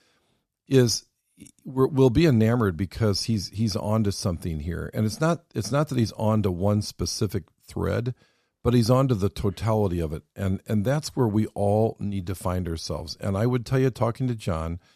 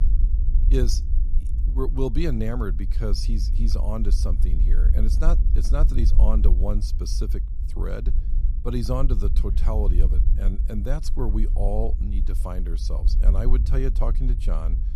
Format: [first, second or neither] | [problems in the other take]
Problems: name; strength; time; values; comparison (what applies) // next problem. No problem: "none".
first | low rumble; noticeable; throughout; 10 dB below the speech